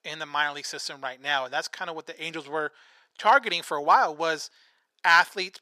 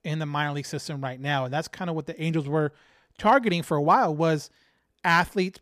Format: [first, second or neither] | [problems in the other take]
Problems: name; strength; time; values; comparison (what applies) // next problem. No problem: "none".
second | thin; very; fading below 500 Hz